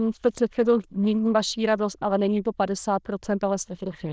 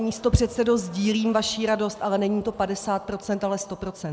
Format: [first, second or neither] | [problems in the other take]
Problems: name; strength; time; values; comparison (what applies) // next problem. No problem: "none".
second | noise reduction (neural diffusion model UNIVERSE++)